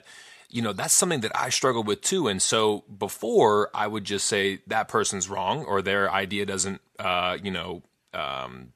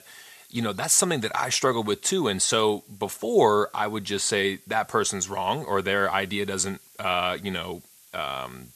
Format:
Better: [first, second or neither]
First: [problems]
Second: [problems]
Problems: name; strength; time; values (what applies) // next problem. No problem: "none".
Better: first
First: none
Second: hiss; faint; throughout; 25 dB below the speech